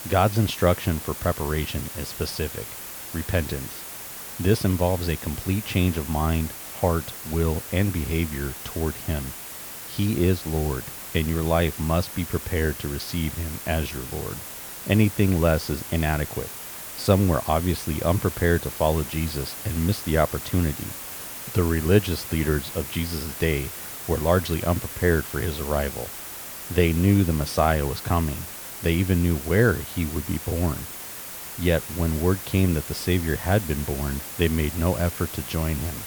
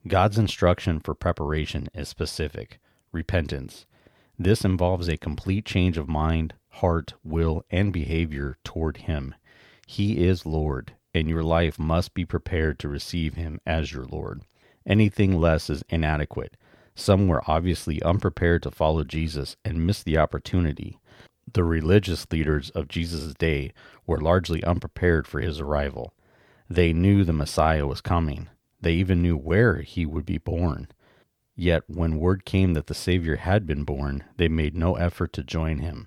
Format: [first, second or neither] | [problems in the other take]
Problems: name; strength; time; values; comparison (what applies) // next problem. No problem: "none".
second | hiss; loud; throughout; 9 dB below the speech